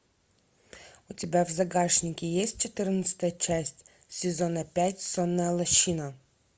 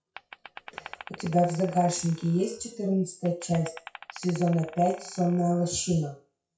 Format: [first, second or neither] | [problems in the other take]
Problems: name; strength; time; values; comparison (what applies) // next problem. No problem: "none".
first | noise reduction (classical method WPE with log-MMSE)